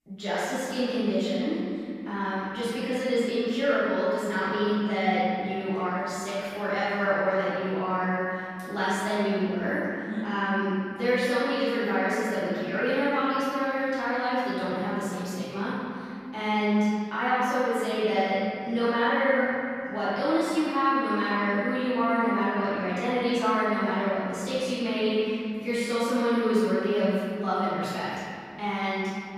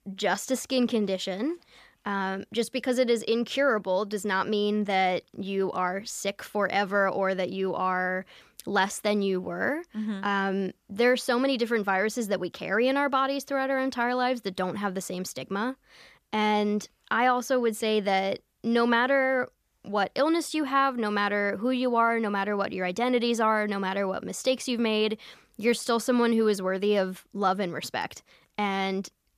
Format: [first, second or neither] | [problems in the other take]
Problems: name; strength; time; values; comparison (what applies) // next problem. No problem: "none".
second | room echo; strong; dies away in 2.4 s // off-mic speech; far